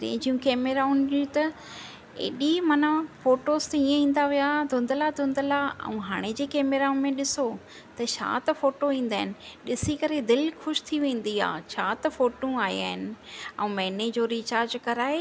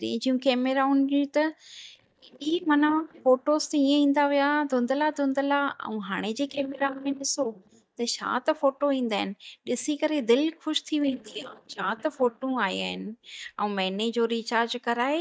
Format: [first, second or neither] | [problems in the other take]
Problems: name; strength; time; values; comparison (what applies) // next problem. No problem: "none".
first | noise reduction (neural mask model DeepFilterNet 3)